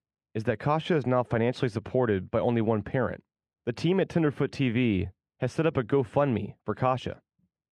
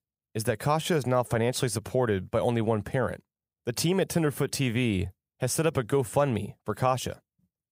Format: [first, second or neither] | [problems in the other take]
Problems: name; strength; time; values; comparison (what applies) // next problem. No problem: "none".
second | muffled; slightly; fading above 2.5 kHz